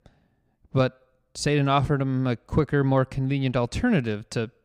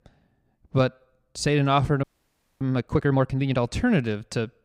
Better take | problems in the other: first | audio freezing; at 2 s for 0.5 s

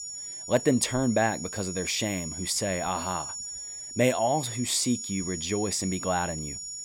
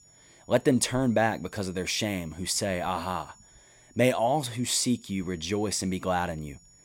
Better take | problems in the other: second | high-pitched whine; loud; throughout; 7 kHz, 7 dB below the speech; faint in the second

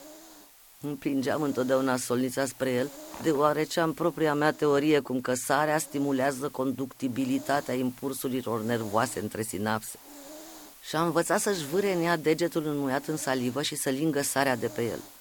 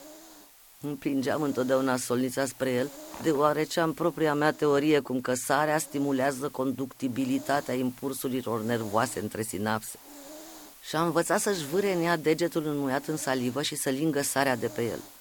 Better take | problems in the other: neither | hiss; noticeable; throughout; 20 dB below the speech; the same in both

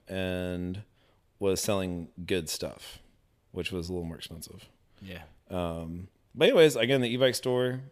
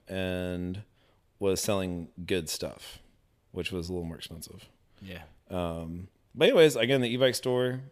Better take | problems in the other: neither | none

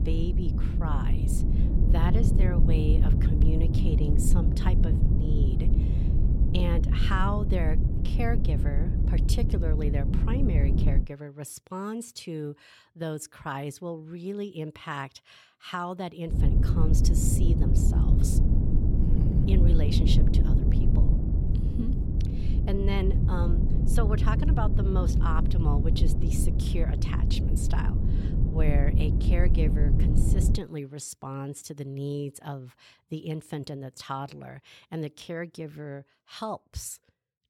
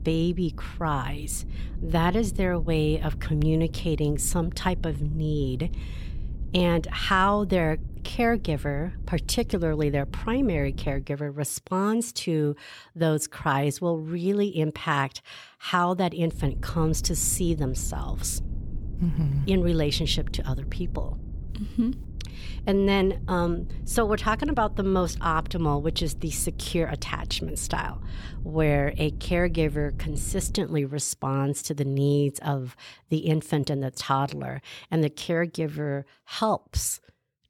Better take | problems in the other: second | low rumble; loud; until 11 s and from 16 to 31 s; 2 dB below the speech; faint in the second

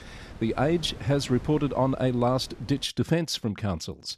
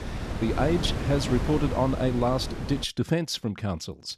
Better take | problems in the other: first | wind noise on the microphone; heavy; until 3 s; 7 dB below the speech; occasional gusts in the first

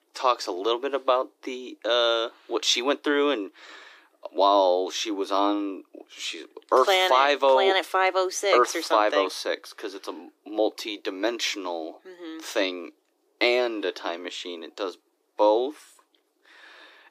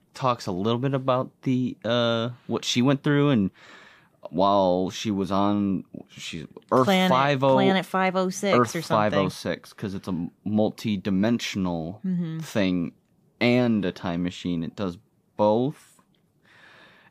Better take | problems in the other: second | thin; very; fading below 300 Hz

